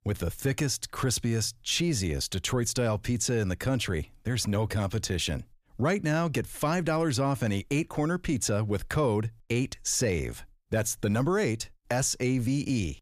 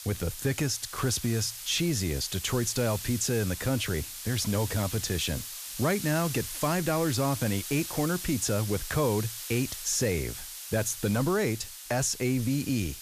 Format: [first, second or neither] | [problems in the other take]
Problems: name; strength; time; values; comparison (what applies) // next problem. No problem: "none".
first | hiss; loud; throughout; 8 dB below the speech